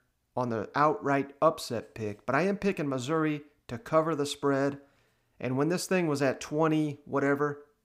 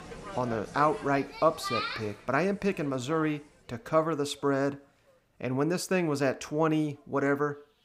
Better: first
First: none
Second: animal sounds; loud; throughout; 10 dB below the speech

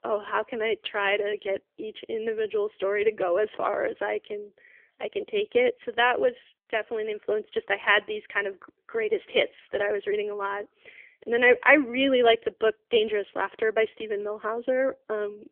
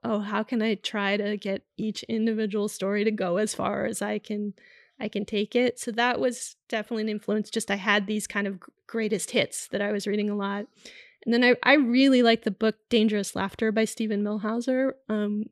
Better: second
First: phone-call audio; poor line; nothing above 3.5 kHz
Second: none

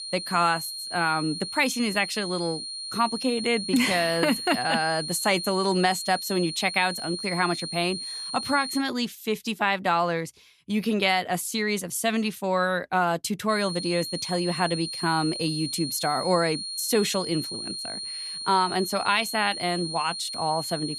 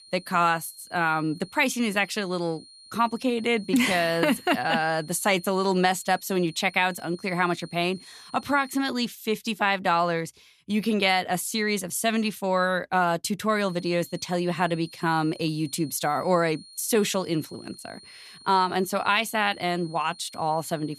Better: second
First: high-pitched whine; loud; until 9 s and from 14 s on; 4 kHz, 6 dB below the speech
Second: high-pitched whine; faint; until 9 s and from 14 s on; 4 kHz, 20 dB below the speech

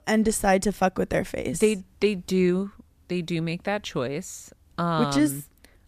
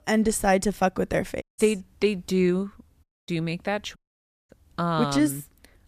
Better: first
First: none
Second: audio cutting out; at 1.5 s, at 3 s and at 4 s for 0.5 s

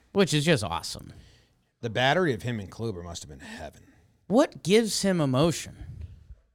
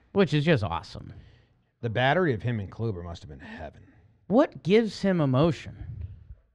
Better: first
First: none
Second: muffled; slightly; fading above 3 kHz

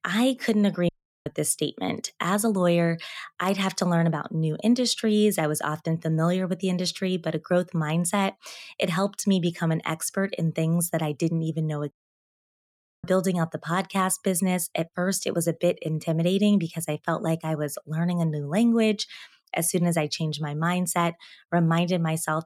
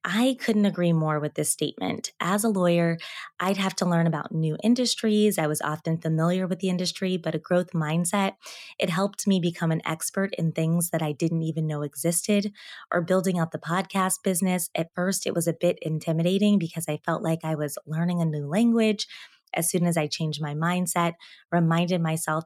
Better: second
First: audio cutting out; at 1 s and at 12 s for 1 s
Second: none

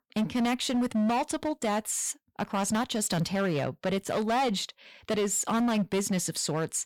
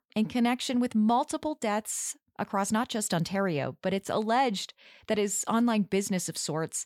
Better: second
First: distortion; slight; 16% of the sound clipped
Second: none

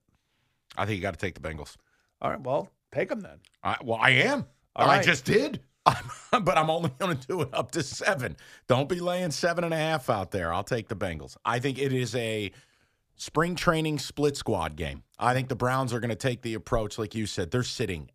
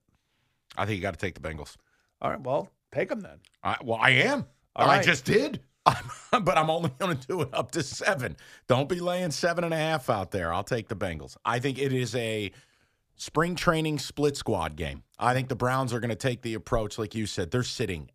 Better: neither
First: none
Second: none

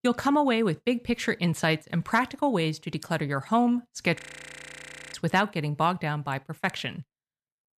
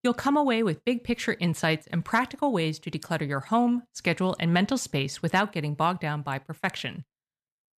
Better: second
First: audio freezing; at 4 s for 1 s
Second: none

